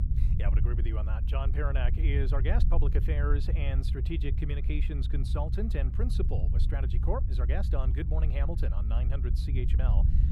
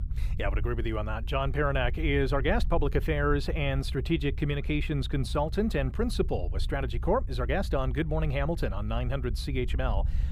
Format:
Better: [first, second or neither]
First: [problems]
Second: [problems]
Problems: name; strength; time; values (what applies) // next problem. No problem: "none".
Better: second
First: low rumble; loud; throughout; 7 dB below the speech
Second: low rumble; faint; throughout; 20 dB below the speech